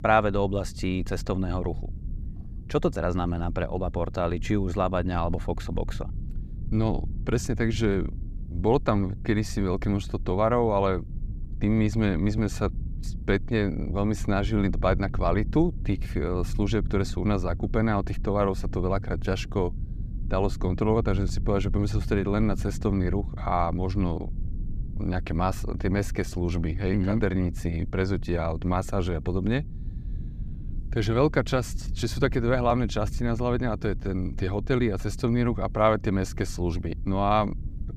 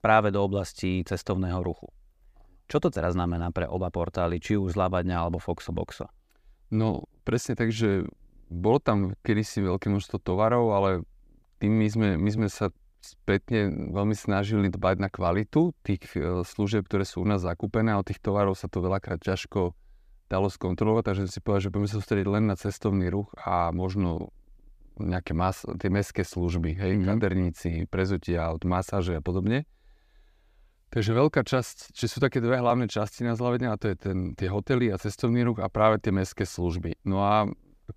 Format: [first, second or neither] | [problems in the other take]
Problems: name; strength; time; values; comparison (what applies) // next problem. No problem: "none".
second | low rumble; faint; throughout; 20 dB below the speech